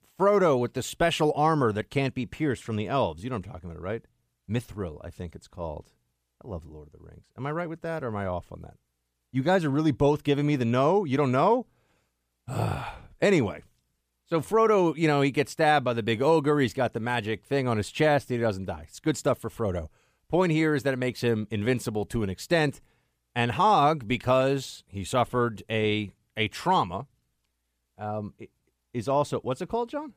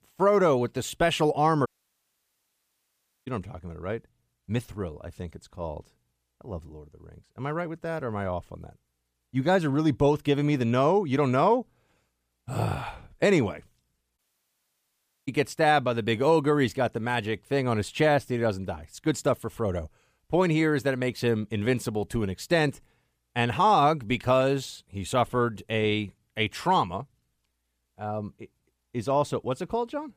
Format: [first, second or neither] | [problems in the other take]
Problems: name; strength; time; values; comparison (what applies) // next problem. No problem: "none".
first | audio cutting out; at 1.5 s for 1.5 s and at 14 s for 1 s